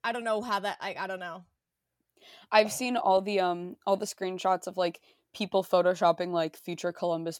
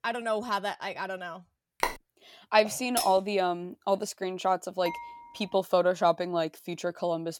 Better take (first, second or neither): first